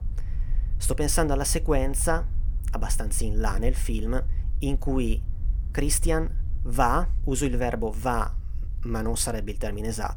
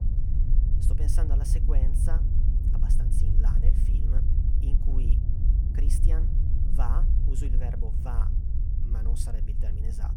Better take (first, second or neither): first